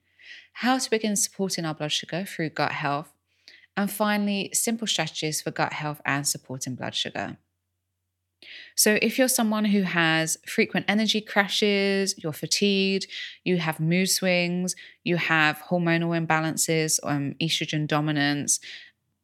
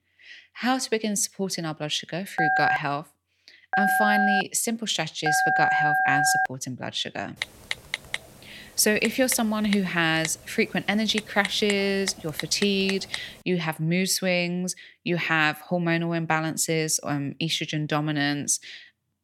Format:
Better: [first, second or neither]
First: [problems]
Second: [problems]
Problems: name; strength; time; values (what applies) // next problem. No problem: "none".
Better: first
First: none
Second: phone ringing; loud; from 2.5 to 6.5 s; peak 4 dB above the speech // keyboard typing; noticeable; from 7.5 to 13 s; peak 6 dB below the speech